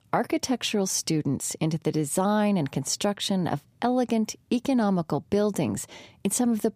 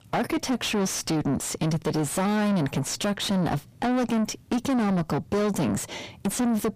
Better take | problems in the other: first | distortion; heavy; 6 dB below the speech

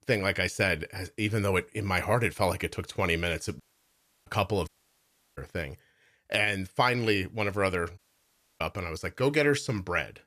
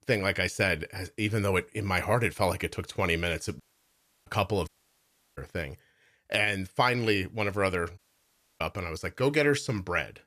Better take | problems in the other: neither | audio cutting out; at 3.5 s for 0.5 s, at 4.5 s for 0.5 s and at 8 s for 0.5 s; the same in both

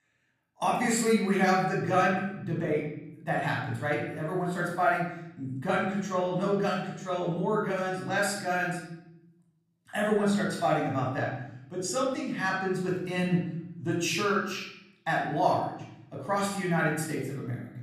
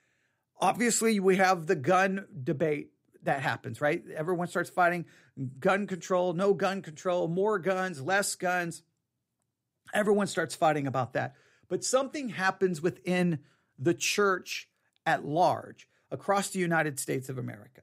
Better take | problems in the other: second | off-mic speech; far // room echo; noticeable; dies away in 0.8 s

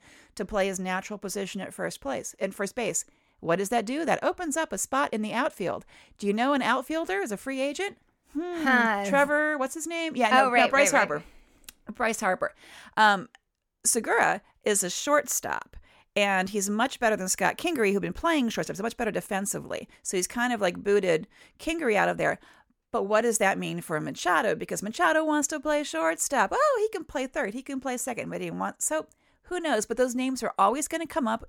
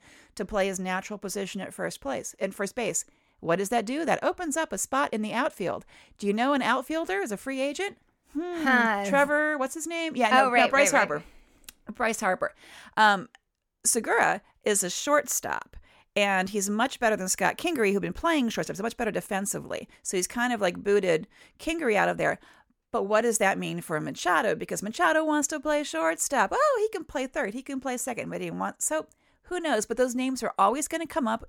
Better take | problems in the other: neither | none

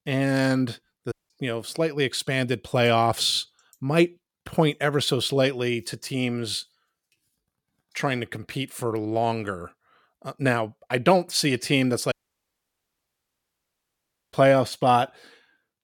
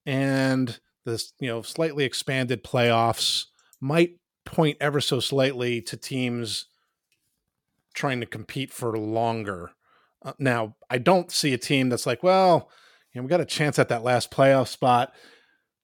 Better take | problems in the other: second | audio cutting out; at 1 s and at 12 s for 2 s

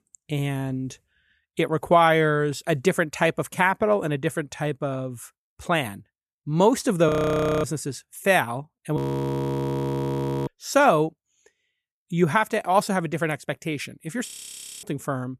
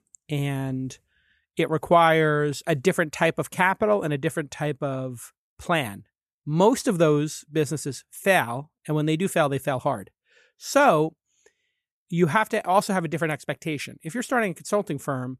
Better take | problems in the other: second | audio freezing; at 7 s for 0.5 s, at 9 s for 1.5 s and at 14 s for 0.5 s

